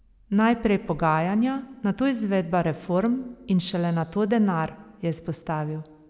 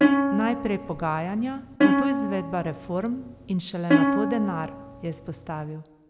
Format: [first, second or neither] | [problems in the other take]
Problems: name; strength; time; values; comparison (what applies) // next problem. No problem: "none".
first | background sound (Plucked string instrument); 4 dB above the speech